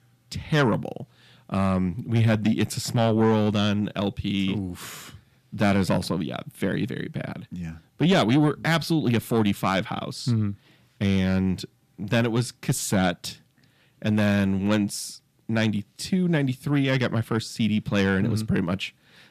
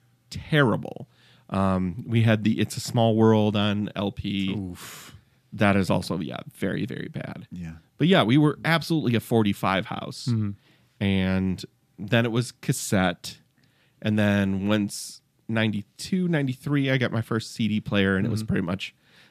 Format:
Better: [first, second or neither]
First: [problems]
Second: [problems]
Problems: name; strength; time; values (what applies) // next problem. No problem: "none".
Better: second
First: distortion; slight; 10 dB below the speech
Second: none